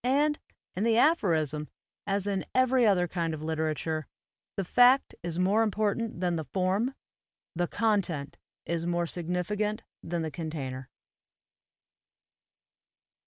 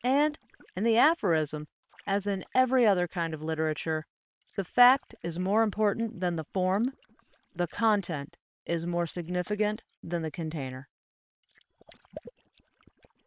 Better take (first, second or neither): first